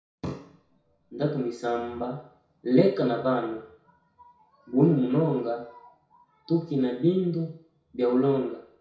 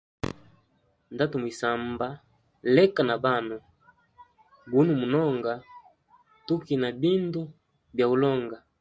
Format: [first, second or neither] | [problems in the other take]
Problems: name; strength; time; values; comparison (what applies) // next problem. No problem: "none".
second | room echo; dies away in 0.6 s